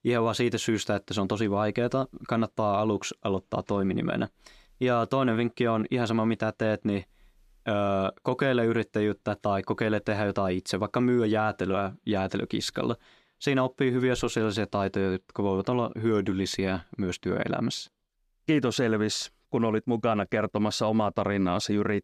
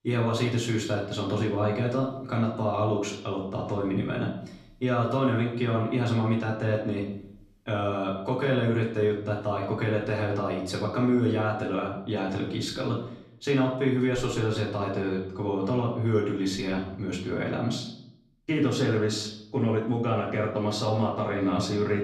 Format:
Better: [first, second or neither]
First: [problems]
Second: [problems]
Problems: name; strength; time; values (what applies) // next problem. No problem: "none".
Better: first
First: none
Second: room echo; slight; dies away in 0.6 s // off-mic speech; far